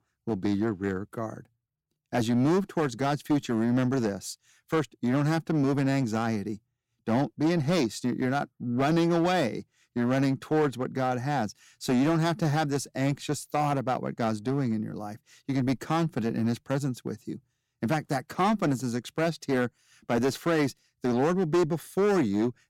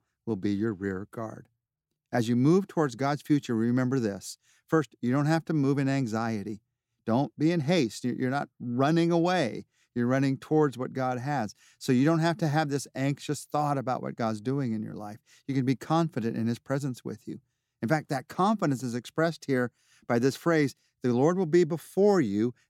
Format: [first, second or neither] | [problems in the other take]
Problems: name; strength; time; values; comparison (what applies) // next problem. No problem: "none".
second | distortion; slight; 8% of the sound clipped